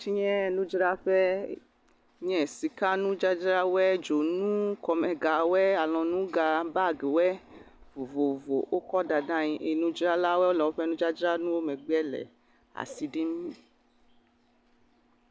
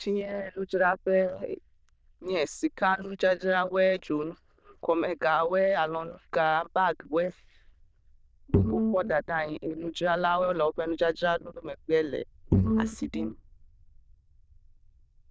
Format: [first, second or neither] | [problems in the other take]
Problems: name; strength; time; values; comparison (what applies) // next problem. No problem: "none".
first | noise reduction (neural diffusion model UNIVERSE++)